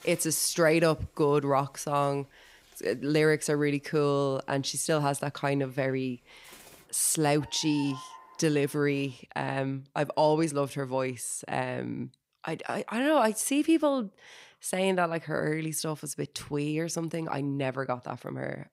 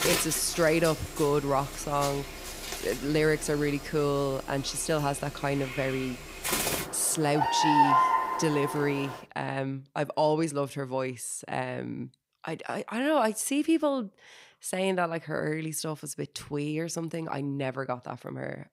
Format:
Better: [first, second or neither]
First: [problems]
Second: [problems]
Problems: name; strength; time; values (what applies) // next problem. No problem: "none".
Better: first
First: animal sounds; faint; until 9 s; 25 dB below the speech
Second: animal sounds; loud; until 9 s; 1 dB below the speech